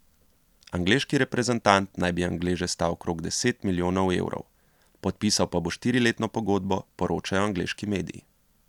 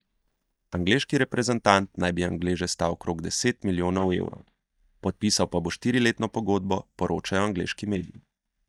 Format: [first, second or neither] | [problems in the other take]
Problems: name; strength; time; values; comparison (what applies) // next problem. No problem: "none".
first | noise reduction (neural mask model DeepFilterNet 3)